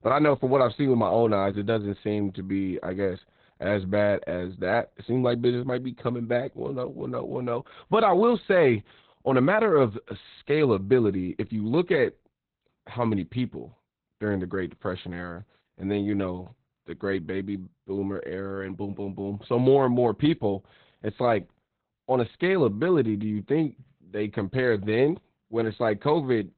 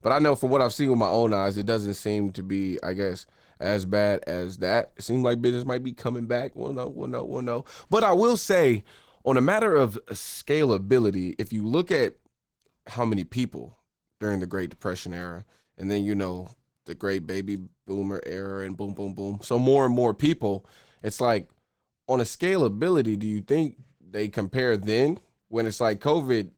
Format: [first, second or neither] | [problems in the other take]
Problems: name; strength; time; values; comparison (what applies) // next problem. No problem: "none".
second | garbled, watery; badly; nothing above 4 kHz; slightly in the second